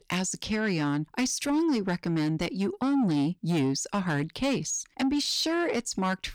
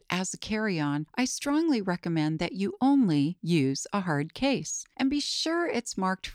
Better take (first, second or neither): second